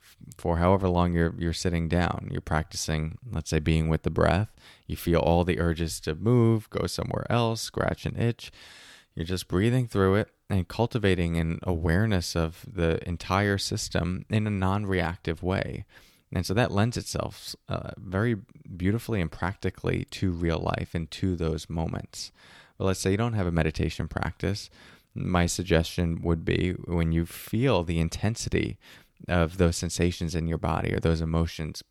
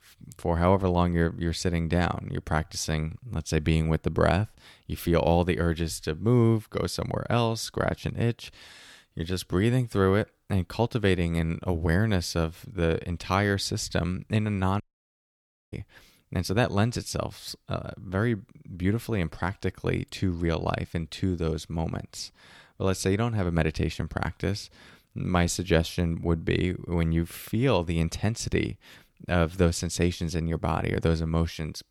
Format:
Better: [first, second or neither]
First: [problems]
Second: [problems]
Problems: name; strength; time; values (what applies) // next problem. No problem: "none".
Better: first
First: none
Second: audio cutting out; at 15 s for 1 s